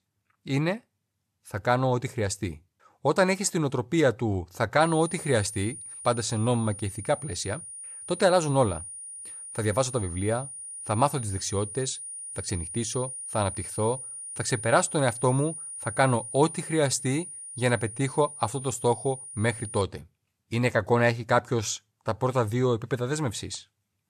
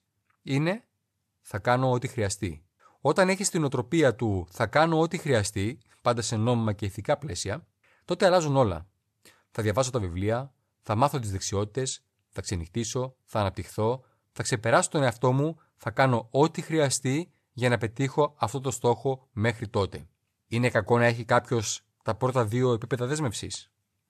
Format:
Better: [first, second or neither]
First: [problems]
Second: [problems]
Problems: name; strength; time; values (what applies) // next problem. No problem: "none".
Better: second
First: high-pitched whine; loud; from 5 to 20 s; 9.5 kHz, 10 dB below the speech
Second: none